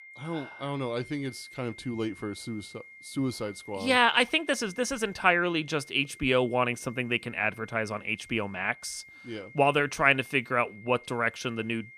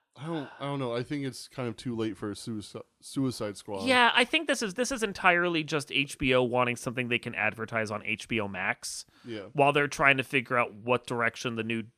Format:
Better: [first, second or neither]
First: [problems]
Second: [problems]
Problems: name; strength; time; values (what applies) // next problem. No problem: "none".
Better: second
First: high-pitched whine; faint; throughout; 2 kHz, 20 dB below the speech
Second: none